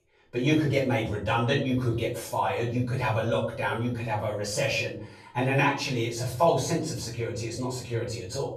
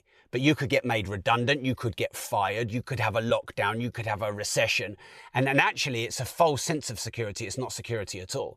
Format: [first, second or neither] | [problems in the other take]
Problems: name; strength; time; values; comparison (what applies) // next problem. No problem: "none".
second | off-mic speech; far // room echo; slight; dies away in 0.5 s